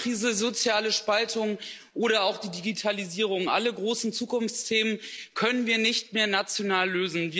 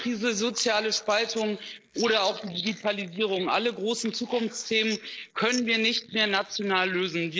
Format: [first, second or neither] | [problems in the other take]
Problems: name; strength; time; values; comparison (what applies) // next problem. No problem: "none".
first | noise reduction (neural mask model Resemble Enhance denoiser)